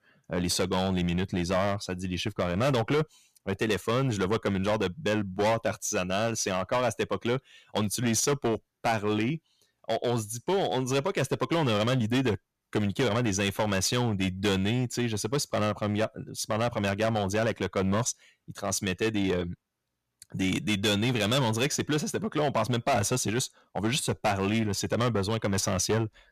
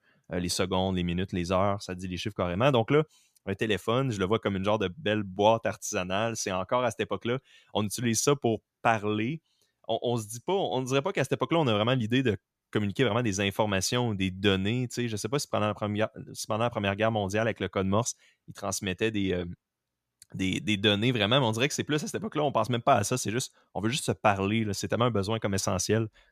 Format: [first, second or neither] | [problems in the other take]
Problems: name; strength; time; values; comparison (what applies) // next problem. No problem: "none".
second | distortion; heavy; 10% of the sound clipped